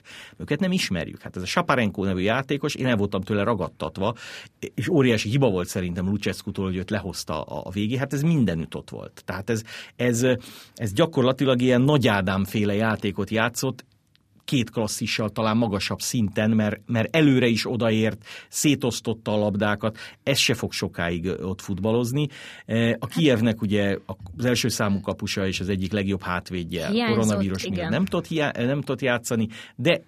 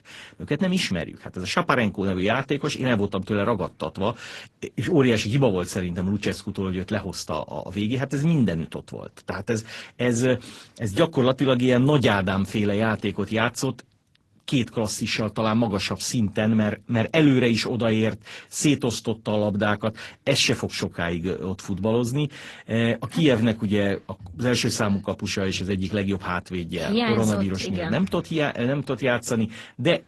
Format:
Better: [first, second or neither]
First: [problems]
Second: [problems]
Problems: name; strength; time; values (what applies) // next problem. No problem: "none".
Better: first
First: none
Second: garbled, watery; slightly; nothing above 12 kHz